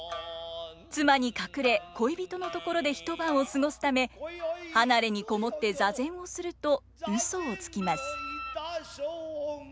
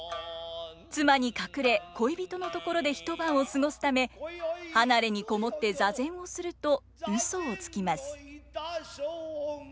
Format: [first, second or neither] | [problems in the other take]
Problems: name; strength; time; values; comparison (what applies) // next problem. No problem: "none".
second | background sound (Wind instrument, woodwind instrument); 10 dB below the speech